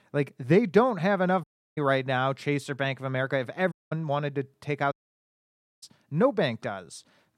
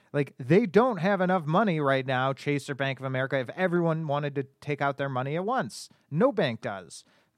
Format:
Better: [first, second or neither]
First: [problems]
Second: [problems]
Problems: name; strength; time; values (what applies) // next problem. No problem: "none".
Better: second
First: audio cutting out; at 1.5 s, at 3.5 s and at 5 s for 1 s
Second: none